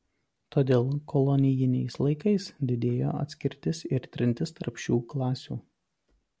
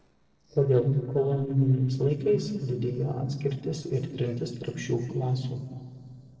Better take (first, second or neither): first